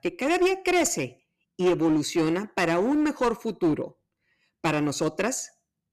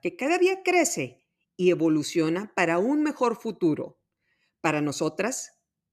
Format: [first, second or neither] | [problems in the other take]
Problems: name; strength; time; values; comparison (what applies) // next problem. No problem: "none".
second | distortion; slight; 7% of the sound clipped